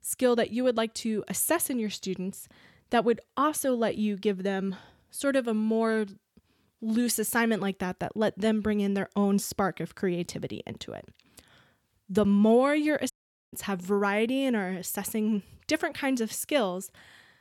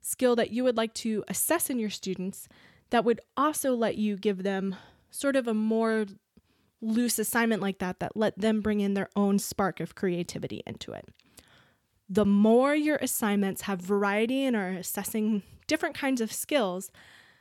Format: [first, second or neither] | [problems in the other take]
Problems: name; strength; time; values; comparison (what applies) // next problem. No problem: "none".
second | audio cutting out; at 13 s